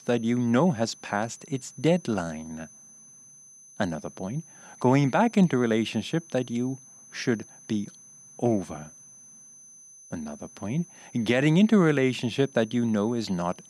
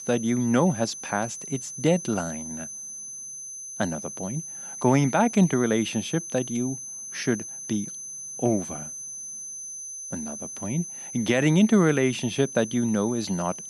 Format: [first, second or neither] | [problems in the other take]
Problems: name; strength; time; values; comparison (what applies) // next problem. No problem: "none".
first | high-pitched whine; loud; throughout; 6 kHz, 9 dB below the speech; faint in the first